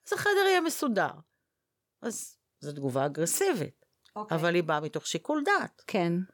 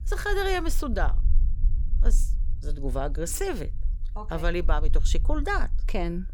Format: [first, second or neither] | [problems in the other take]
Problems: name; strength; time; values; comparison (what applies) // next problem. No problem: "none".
first | low rumble; faint; throughout; 20 dB below the speech